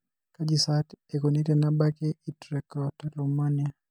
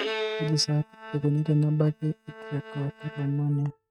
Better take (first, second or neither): first